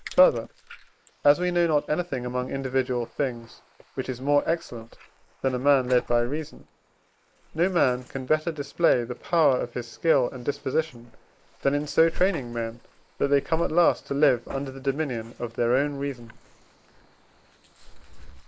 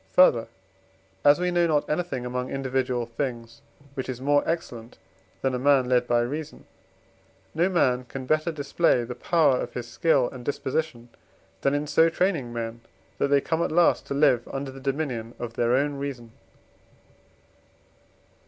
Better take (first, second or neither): second